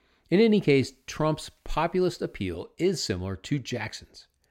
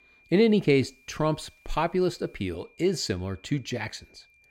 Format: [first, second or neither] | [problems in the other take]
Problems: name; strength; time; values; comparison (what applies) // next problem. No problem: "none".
first | high-pitched whine; faint; throughout; 2.5 kHz, 30 dB below the speech